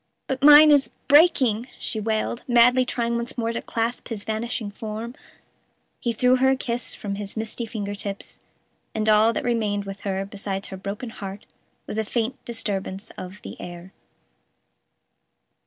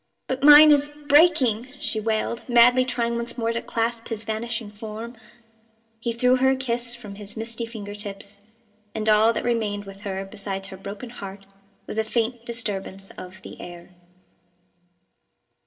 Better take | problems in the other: first | room echo; dies away in 0.5 s

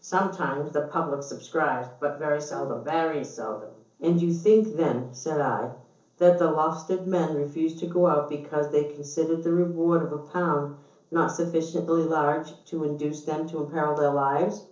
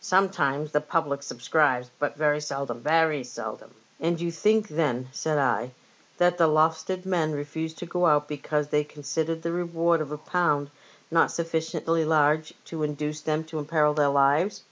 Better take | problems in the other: second | noise reduction (neural separator model SepFormer DNS4)

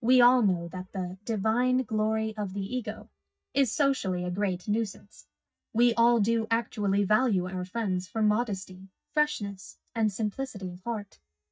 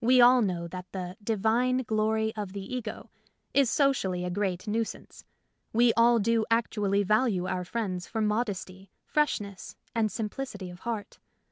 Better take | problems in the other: second | noise reduction (neural mask model DeepFilterNet 3)

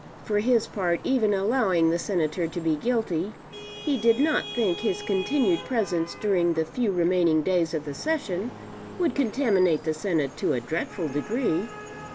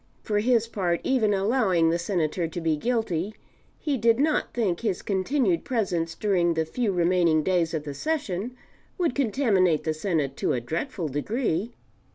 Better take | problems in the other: second | background sound (Traffic noise, roadway noise / Vehicle horn, car horn, honking); 15 dB below the speech

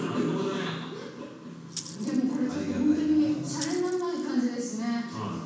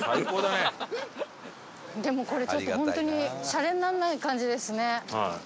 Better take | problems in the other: second | background sound (Rattle (instrument)); 16 dB below the speech // room echo; dies away in 1.2 s

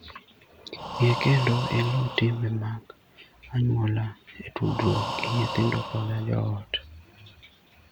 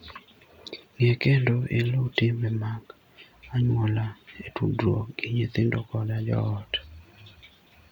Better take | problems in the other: second | background sound (Breathing); 9 dB below the speech

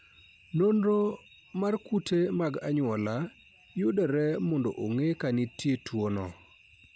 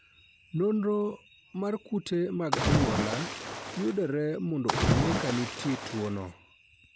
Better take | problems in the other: first | background sound (Splash, splatter); 1 dB above the speech

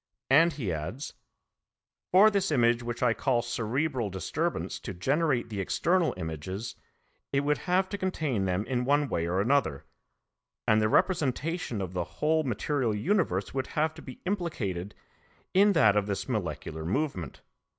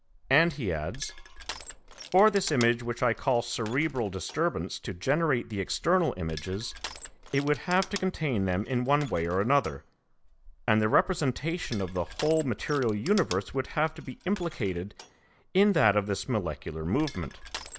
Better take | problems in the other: first | background sound (Crushing); 16 dB below the speech

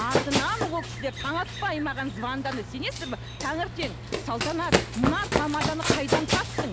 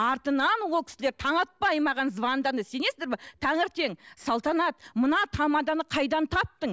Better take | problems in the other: second | background sound (Run); 1 dB above the speech

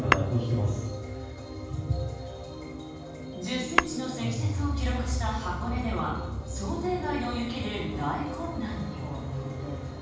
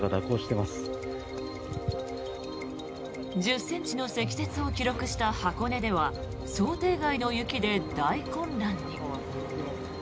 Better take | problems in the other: second | background sound (Tap / Hammer); 4 dB below the speech // room echo; dies away in 1.2 s

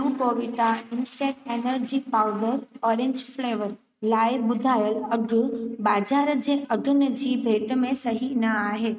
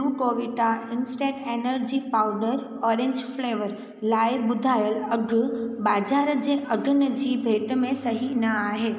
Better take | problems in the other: second | noise reduction (neural mask model RNNoise)

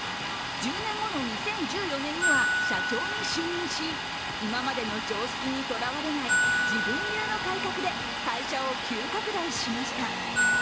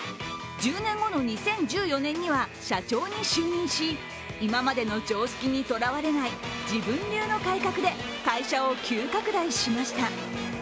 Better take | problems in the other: second | background sound (Domestic sounds, home sounds + Glockenspiel); 3 dB above the speech

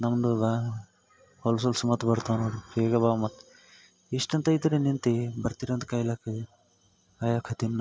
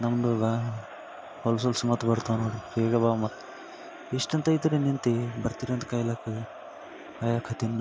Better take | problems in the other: first | background sound (Crowd); 15 dB below the speech

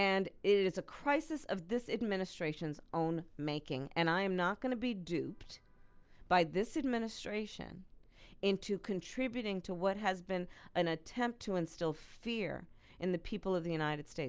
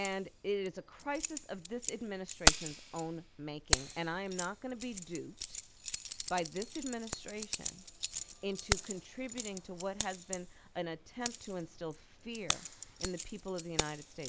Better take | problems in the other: first | background sound (Keys jangling); 2 dB above the speech

